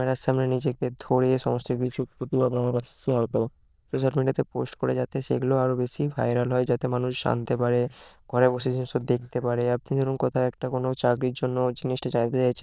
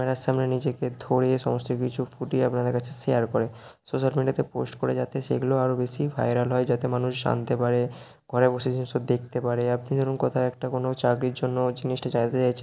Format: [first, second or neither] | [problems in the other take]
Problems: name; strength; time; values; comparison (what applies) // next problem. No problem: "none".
second | noise reduction (neural diffusion model UNIVERSE++)